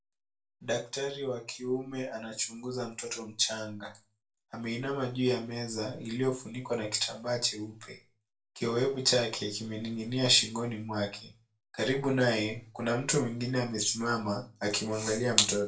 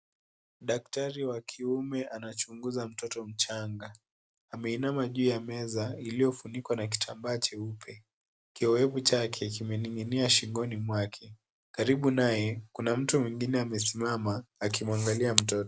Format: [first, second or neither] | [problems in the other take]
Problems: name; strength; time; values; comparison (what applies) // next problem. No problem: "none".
second | room echo; dies away in 0.3 s